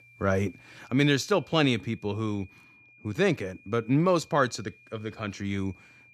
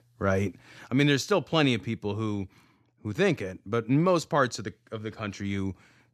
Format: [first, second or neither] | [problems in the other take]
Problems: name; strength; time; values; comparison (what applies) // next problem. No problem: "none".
second | high-pitched whine; faint; throughout; 2.5 kHz, 25 dB below the speech